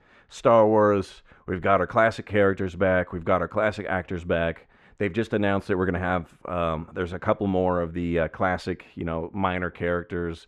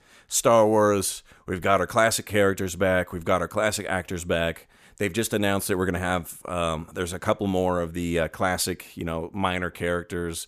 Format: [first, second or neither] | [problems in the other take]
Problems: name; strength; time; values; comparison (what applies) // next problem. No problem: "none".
second | muffled; very; fading above 2 kHz